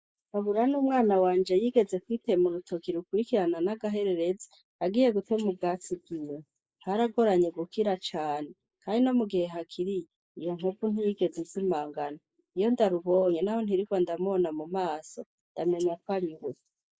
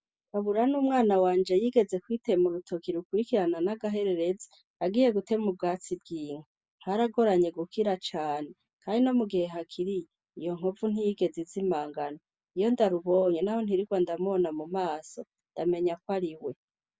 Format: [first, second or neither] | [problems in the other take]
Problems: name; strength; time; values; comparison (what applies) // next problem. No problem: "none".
second | noise reduction (neural mask model Resemble Enhance denoiser)